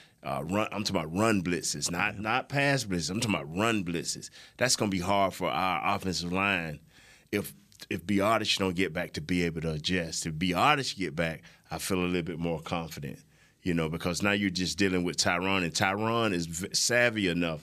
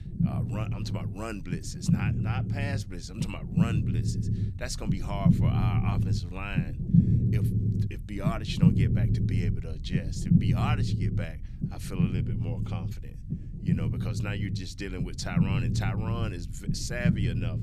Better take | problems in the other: first | low rumble; very loud; throughout; as loud as the speech

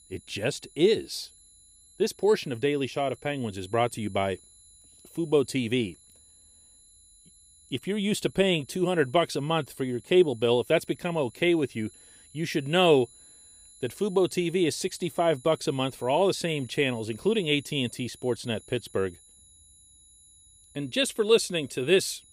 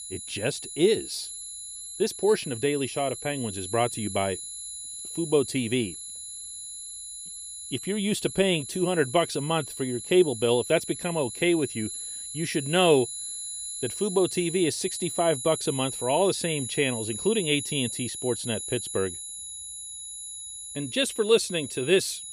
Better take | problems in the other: first | high-pitched whine; loud; throughout; 11 kHz, 8 dB below the speech; faint in the first

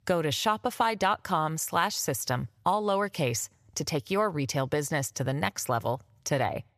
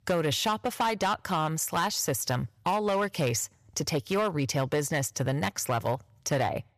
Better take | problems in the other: first | distortion; slight; 6% of the sound clipped

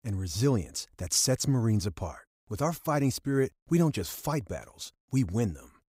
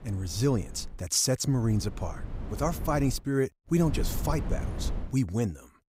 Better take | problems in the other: first | wind noise on the microphone; occasional gusts; at the start, from 1.5 to 3 s and from 4 to 5 s; 15 dB below the speech

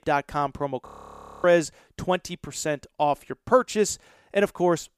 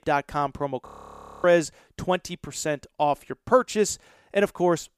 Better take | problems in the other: neither | audio freezing; at 1 s for 0.5 s; the same in both

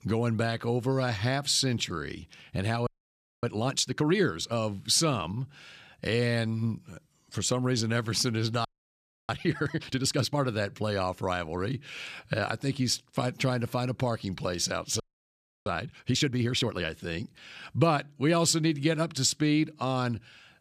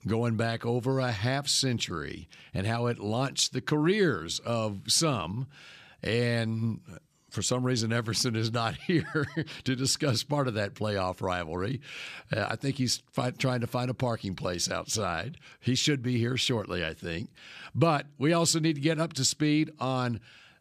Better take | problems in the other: second | audio freezing; at 3 s for 0.5 s, at 8.5 s for 0.5 s and at 15 s for 0.5 s

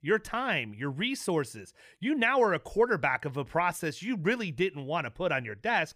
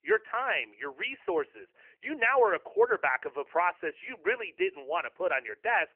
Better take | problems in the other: first | phone-call audio; nothing above 3 kHz

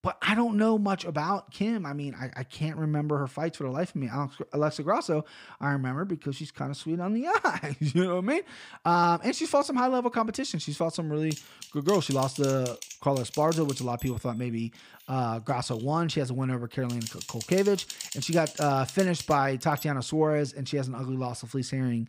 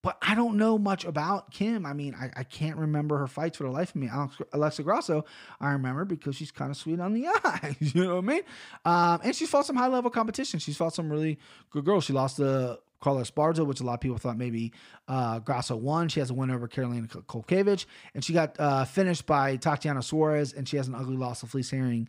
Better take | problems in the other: second | keyboard typing; noticeable; from 11 to 20 s; peak 7 dB below the speech

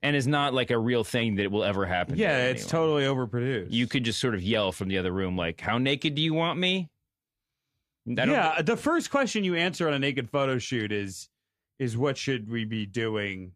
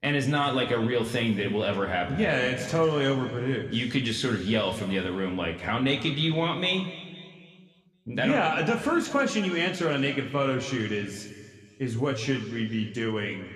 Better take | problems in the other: first | room echo; slight; dies away in 1.9 s

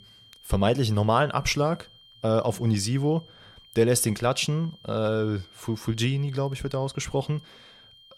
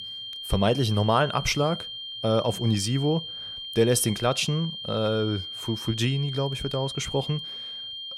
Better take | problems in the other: first | high-pitched whine; loud; throughout; 3 kHz, 8 dB below the speech; faint in the first

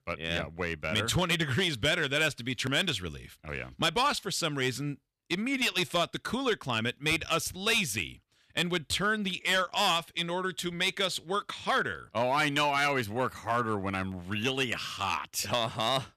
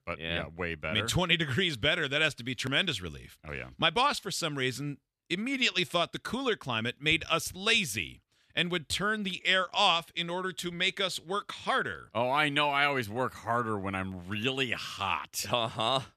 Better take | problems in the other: second | distortion; slight; 3% of the sound clipped

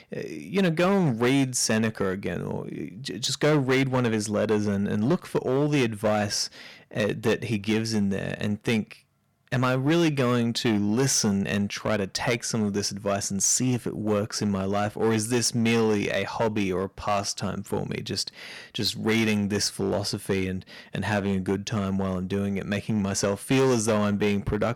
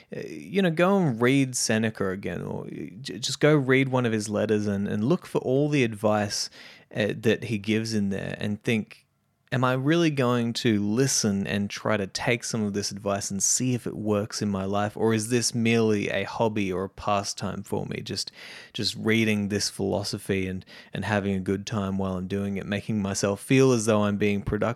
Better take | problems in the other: second | distortion; slight; 6% of the sound clipped

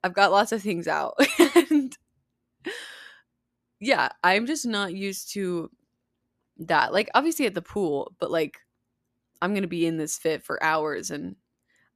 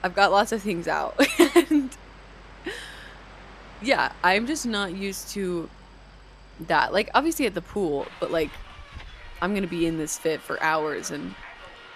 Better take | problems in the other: first | train or aircraft noise; faint; throughout; 20 dB below the speech

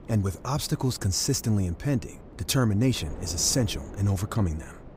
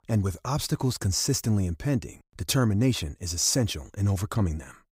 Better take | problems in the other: second | wind noise on the microphone; occasional gusts; 20 dB below the speech

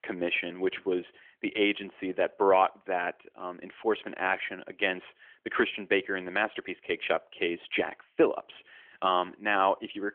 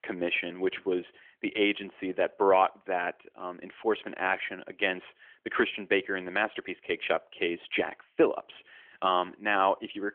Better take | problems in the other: neither | phone-call audio; nothing above 3.5 kHz; the same in both

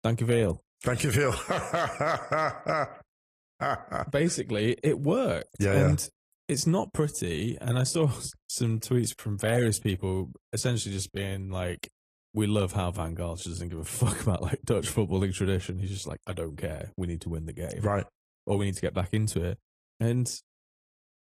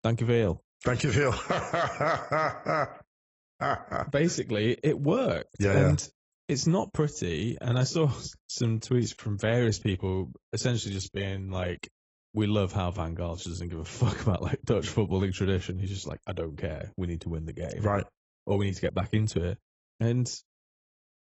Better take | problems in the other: first | garbled, watery; badly; nothing above 8 kHz; slightly in the first

